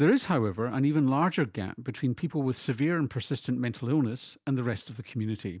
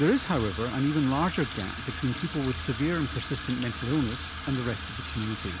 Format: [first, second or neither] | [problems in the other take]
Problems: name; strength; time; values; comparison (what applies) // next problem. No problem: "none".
first | background sound (Sink (filling or washing) / Water tap, faucet); 8 dB below the speech